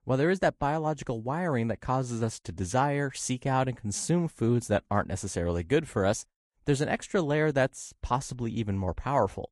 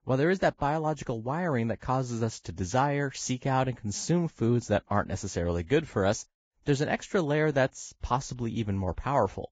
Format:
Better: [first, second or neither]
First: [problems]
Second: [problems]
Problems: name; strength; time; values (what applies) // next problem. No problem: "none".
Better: first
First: garbled, watery; slightly; nothing above 10.5 kHz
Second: garbled, watery; badly; nothing above 7.5 kHz